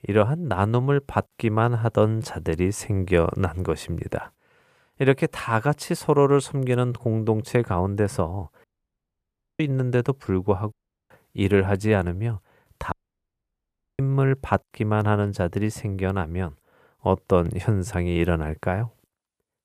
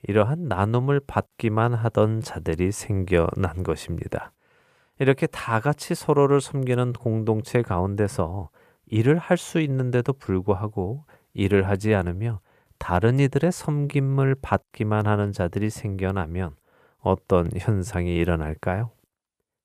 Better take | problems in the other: second | audio cutting out; at 8.5 s for 1 s, at 11 s and at 13 s for 1 s

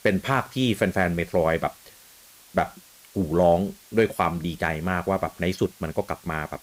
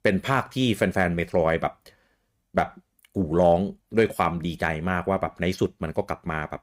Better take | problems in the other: second | hiss; faint; throughout; 25 dB below the speech

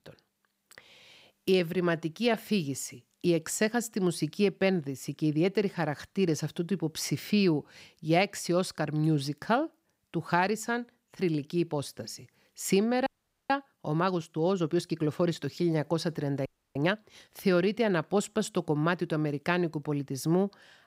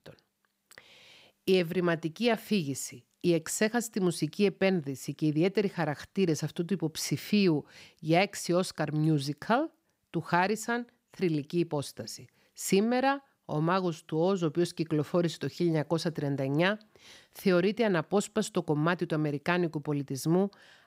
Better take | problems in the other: second | audio freezing; at 13 s and at 16 s

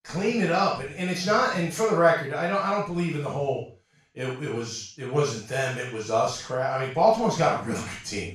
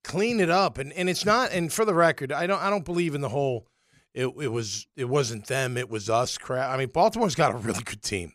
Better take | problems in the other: second | room echo; noticeable; dies away in 0.4 s // off-mic speech; far

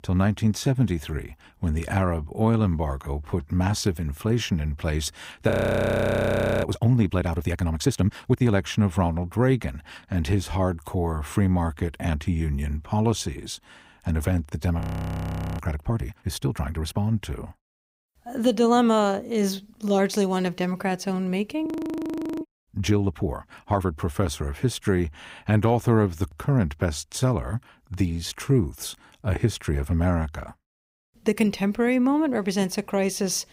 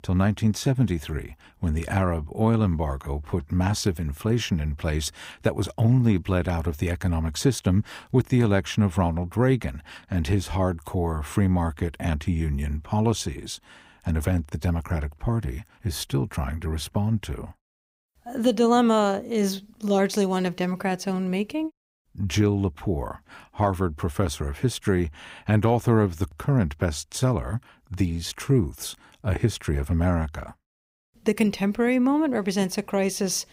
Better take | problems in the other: second | audio freezing; at 5.5 s for 1 s, at 15 s for 1 s and at 22 s for 1 s

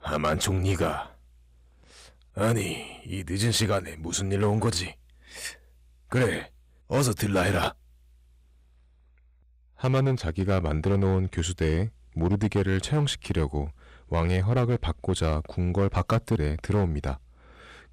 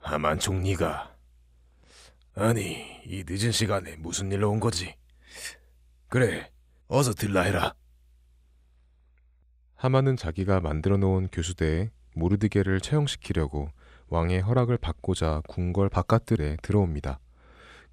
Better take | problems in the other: second | distortion; slight; 5% of the sound clipped

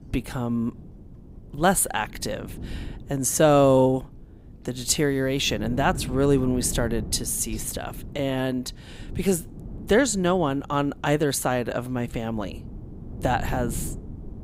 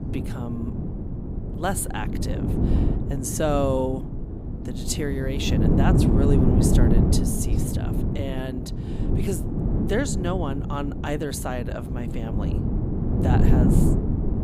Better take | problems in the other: first | wind noise on the microphone; heavy; 2 dB below the speech; occasional gusts in the first

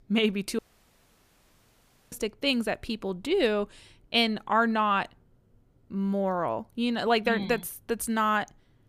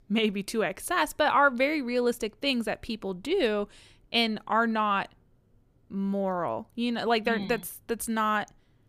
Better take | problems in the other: second | audio cutting out; at 0.5 s for 1.5 s

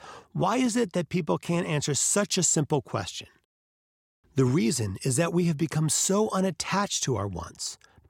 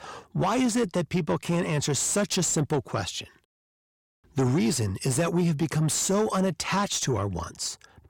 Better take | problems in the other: first | distortion; slight; 10 dB below the speech

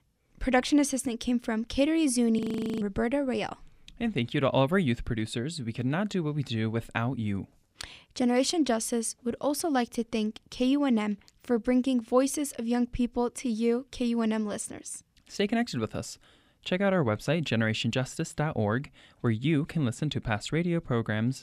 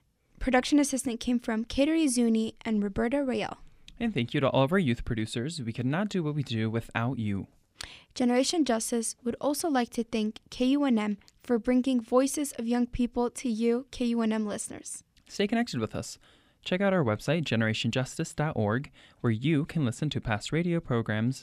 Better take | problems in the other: second | audio freezing; at 2.5 s

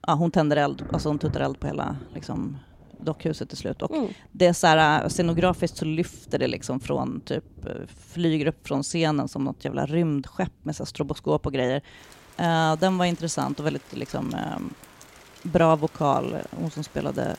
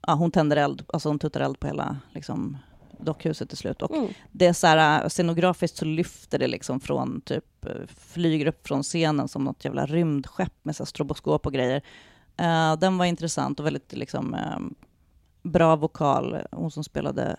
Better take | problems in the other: second | rain or running water; noticeable; throughout; 20 dB below the speech

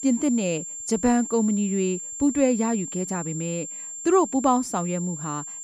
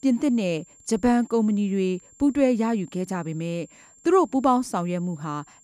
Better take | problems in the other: second | high-pitched whine; loud; throughout; 7.5 kHz, 8 dB below the speech; faint in the second

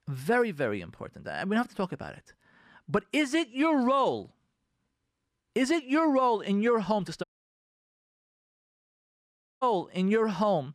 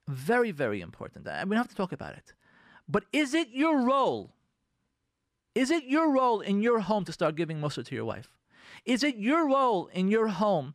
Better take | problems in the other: second | audio cutting out; at 7 s for 2.5 s

